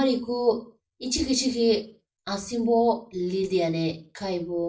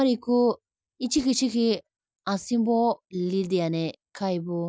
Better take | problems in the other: second | room echo; dies away in 0.3 s

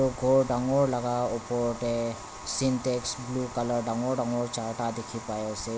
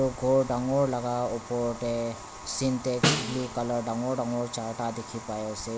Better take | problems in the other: first | background sound (Snare drum); 3 dB below the speech

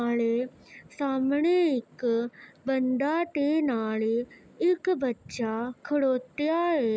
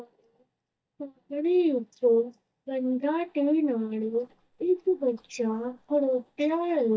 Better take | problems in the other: first | noise reduction (neural mask model DeepFilterNet 3)

